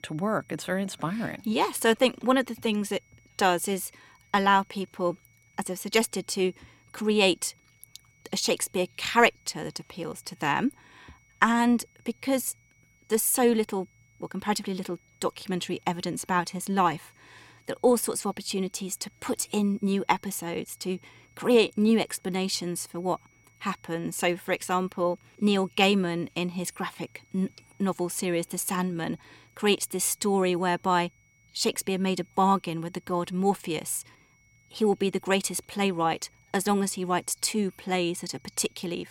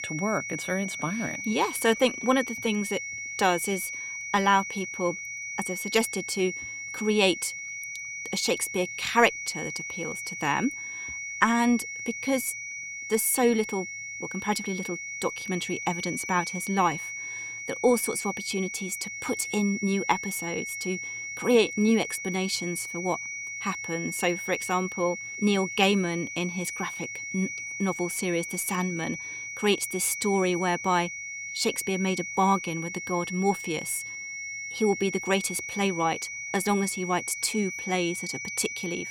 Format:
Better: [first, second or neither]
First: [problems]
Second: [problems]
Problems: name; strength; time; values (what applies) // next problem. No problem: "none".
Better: first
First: high-pitched whine; faint; throughout; 2 kHz, 35 dB below the speech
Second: high-pitched whine; loud; throughout; 2 kHz, 6 dB below the speech